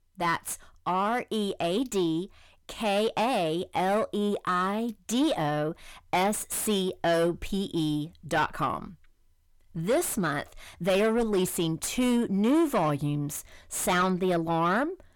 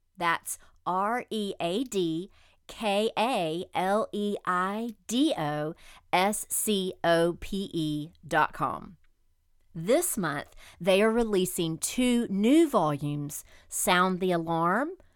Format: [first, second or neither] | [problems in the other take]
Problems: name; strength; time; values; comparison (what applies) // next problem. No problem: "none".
second | distortion; slight; 10 dB below the speech